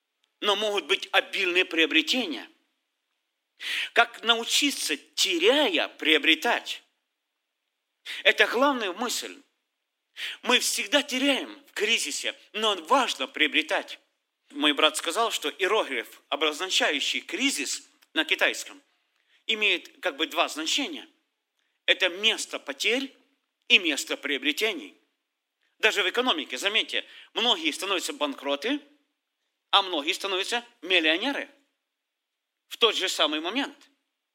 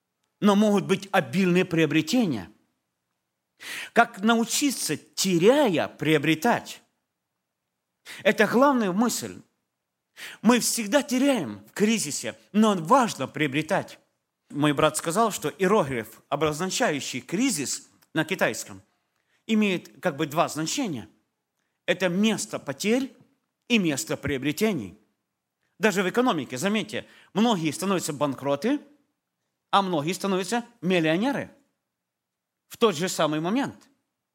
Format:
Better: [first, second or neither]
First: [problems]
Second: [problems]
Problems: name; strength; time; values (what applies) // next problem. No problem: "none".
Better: second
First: thin; somewhat; fading below 250 Hz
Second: none